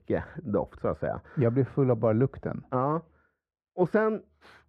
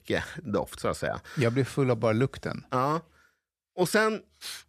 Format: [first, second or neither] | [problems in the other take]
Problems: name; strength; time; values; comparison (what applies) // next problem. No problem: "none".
second | muffled; very; fading above 2.5 kHz